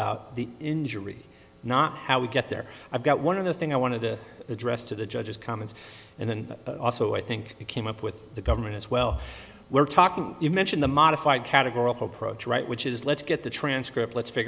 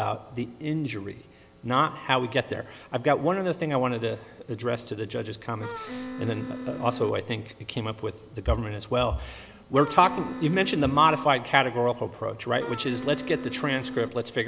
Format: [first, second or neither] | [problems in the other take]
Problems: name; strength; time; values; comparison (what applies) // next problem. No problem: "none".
first | background sound (Wind instrument, woodwind instrument); 9 dB below the speech